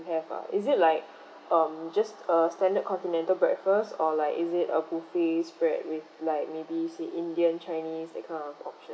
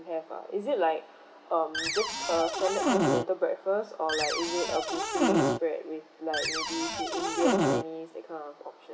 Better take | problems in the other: first | background sound (Cupboard open or close); 3 dB above the speech

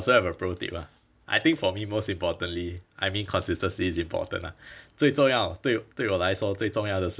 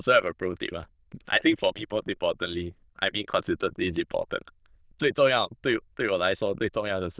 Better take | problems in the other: first | noise reduction (neural diffusion model UNIVERSE++)

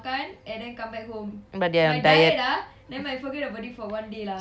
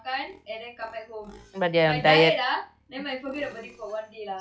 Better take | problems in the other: first | noise reduction (classical method log-MMSE)

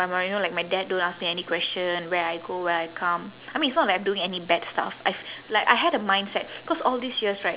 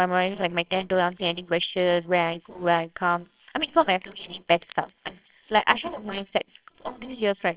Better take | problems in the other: first | noise reduction (neural separator model SepFormer WHAMR!)

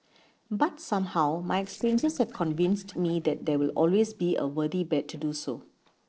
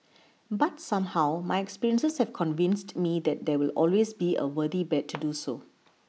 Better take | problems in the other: second | noise reduction (neural separator model SepFormer DNS4)

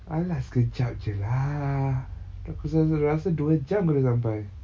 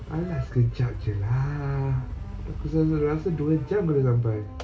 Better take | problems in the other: first | background sound (Engine); 19 dB below the speech // room echo; dies away in 1.2 s

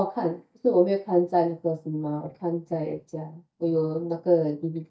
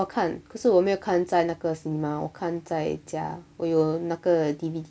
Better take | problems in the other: second | noise reduction (neural mask model DeepFilterNet 3)

